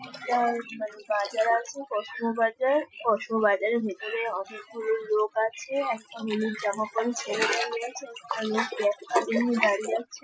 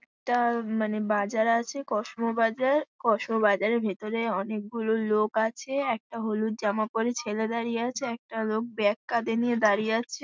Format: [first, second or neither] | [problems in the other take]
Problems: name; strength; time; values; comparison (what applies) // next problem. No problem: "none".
second | noise reduction (classical method Wiener filter)